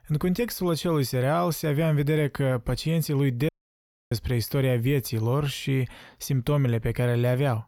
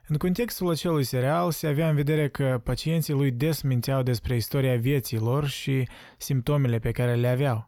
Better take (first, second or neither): second